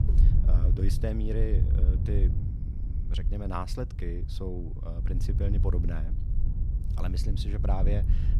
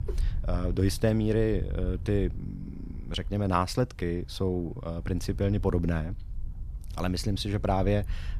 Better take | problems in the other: second | low rumble; loud; throughout; 6 dB below the speech; faint in the second

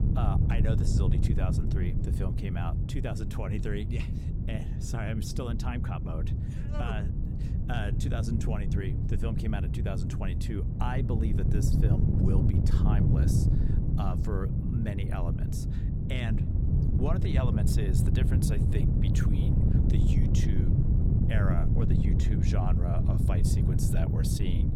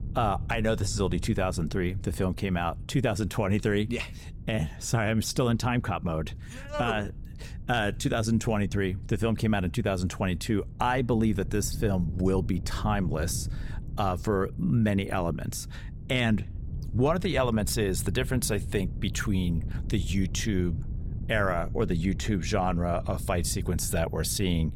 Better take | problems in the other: second | wind noise on the microphone; heavy; as loud as the speech; occasional gusts in the second

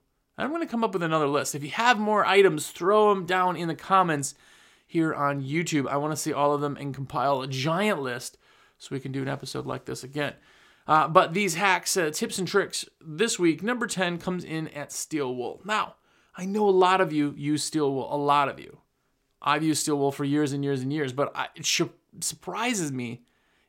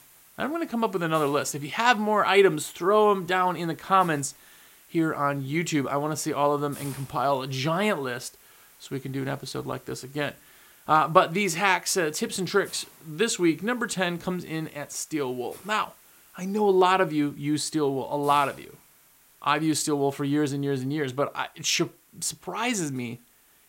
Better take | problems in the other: first | hiss; faint; throughout; 25 dB below the speech

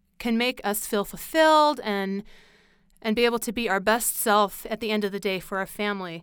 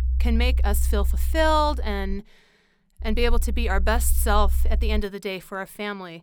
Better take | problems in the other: first | low rumble; faint; until 2 s and from 3 to 5 s; 20 dB below the speech

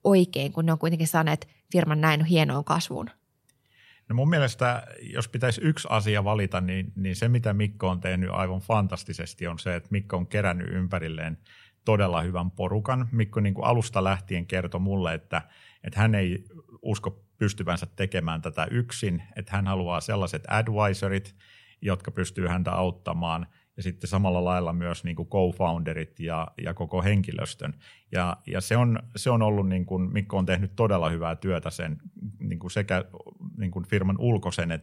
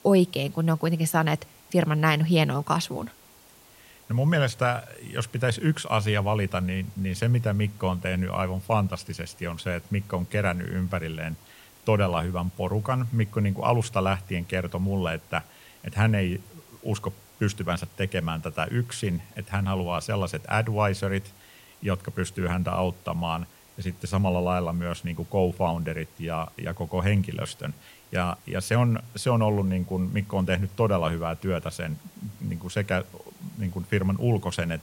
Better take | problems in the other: first | hiss; faint; throughout; 25 dB below the speech

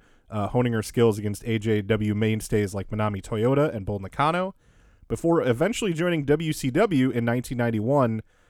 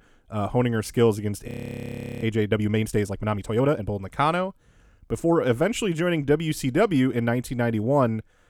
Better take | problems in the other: first | audio freezing; at 1.5 s for 0.5 s

